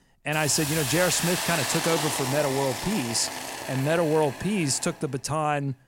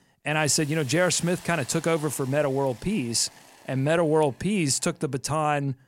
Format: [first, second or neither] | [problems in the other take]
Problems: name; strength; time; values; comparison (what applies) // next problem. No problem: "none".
second | hiss; loud; throughout; 4 dB below the speech; faint in the second